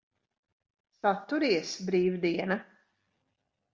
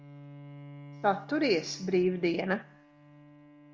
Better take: first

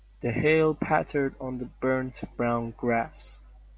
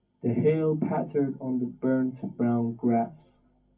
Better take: first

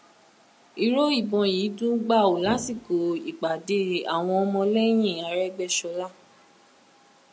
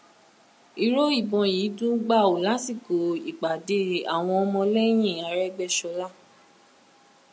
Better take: second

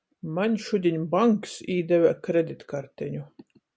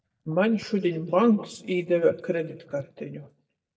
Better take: first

